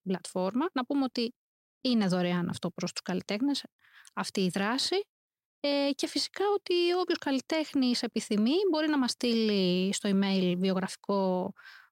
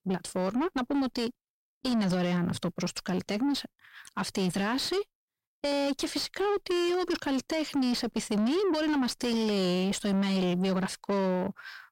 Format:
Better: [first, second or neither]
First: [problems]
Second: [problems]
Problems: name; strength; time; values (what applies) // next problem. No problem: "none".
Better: first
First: none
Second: distortion; slight; 10 dB below the speech